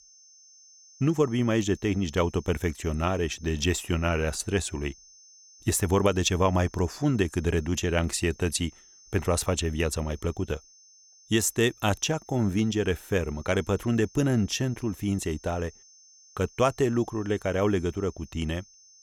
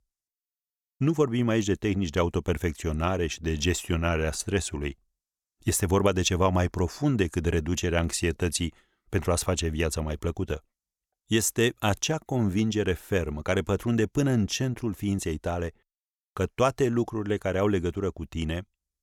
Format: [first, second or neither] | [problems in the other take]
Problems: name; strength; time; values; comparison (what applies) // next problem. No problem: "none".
second | high-pitched whine; faint; throughout; 6 kHz, 25 dB below the speech